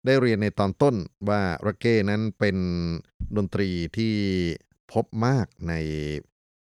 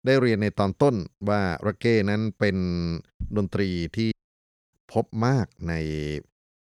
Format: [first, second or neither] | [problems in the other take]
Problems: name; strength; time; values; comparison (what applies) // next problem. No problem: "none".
first | audio cutting out; at 4 s for 0.5 s